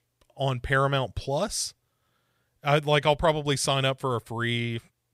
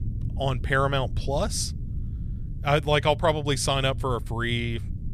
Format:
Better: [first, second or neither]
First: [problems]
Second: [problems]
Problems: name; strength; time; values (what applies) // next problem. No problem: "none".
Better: first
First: none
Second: low rumble; faint; throughout; 20 dB below the speech